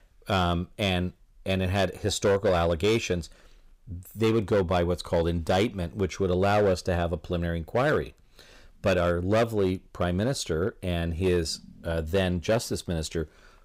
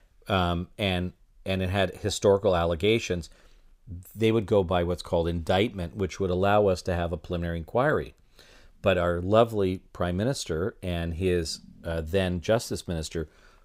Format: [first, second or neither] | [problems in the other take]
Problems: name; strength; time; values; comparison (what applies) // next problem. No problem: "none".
second | distortion; slight; 5% of the sound clipped